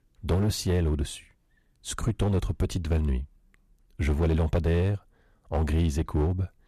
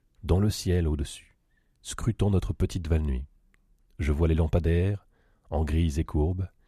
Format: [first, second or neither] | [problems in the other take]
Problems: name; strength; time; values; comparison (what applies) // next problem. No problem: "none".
second | distortion; slight; 9% of the sound clipped